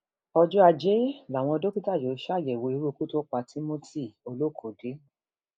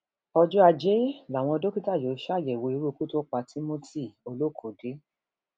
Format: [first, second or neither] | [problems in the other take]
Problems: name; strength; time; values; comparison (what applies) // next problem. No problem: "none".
second | noise reduction (neural mask model Resemble Enhance denoiser)